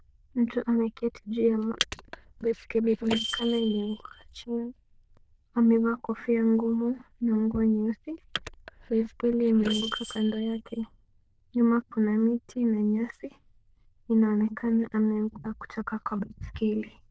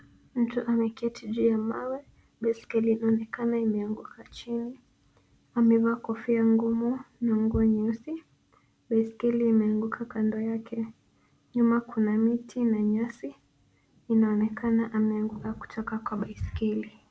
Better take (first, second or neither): second